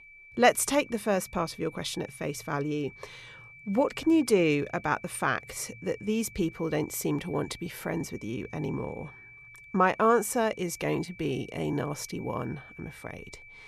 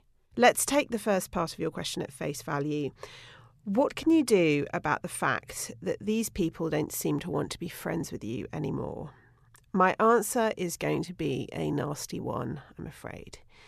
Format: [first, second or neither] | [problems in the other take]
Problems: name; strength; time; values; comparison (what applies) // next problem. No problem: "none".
second | high-pitched whine; noticeable; throughout; 2.5 kHz, 20 dB below the speech